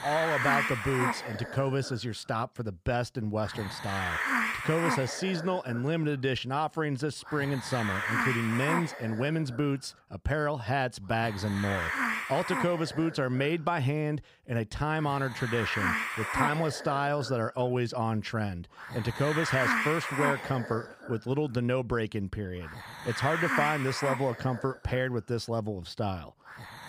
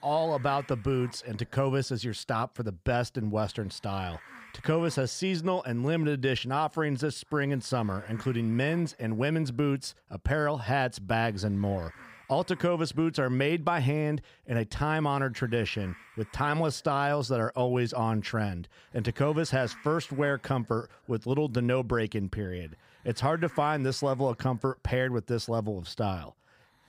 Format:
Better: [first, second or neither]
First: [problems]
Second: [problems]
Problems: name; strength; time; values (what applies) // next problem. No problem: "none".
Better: second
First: hiss; loud; throughout; 1 dB below the speech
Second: hiss; faint; throughout; 25 dB below the speech